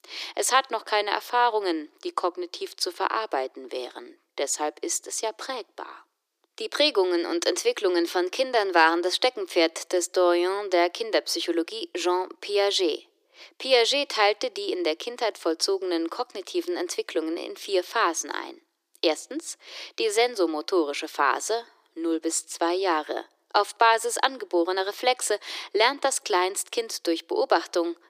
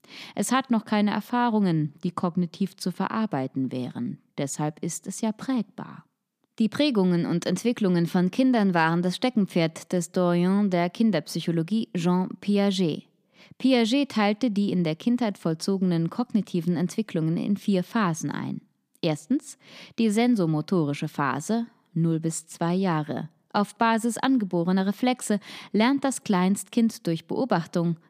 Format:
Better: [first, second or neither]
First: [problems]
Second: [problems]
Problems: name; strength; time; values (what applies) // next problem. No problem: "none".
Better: second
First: thin; very; fading below 350 Hz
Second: none